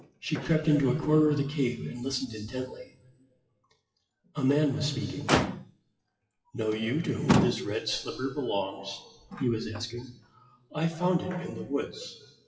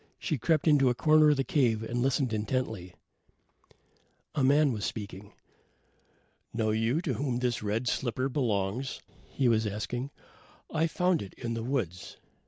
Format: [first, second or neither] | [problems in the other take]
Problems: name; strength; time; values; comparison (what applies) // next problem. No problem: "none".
second | noise reduction (classical method WPE with log-MMSE)